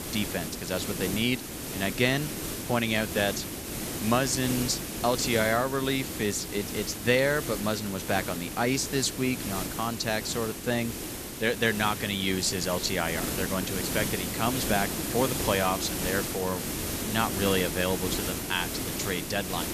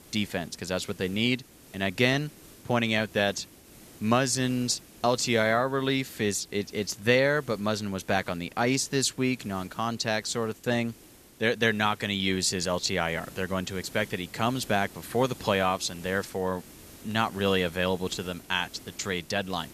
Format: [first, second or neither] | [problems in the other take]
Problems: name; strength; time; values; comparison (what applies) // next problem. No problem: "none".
second | hiss; loud; throughout; 4 dB below the speech; faint in the second